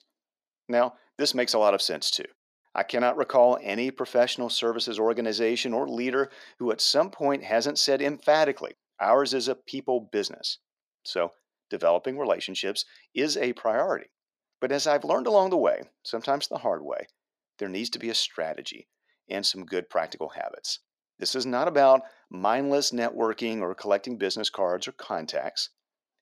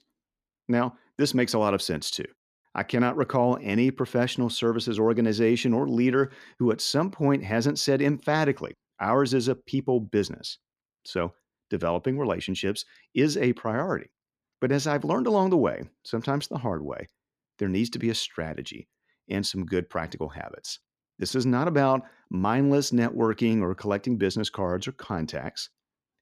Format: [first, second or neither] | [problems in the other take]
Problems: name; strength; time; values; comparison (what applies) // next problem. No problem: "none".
second | thin; somewhat; fading below 350 Hz